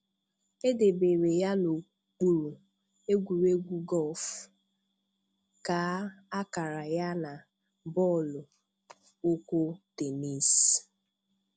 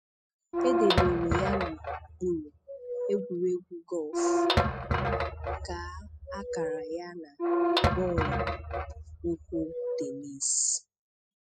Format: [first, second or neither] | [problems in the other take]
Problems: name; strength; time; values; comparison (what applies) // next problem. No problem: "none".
first | noise reduction (classical method spectral subtraction)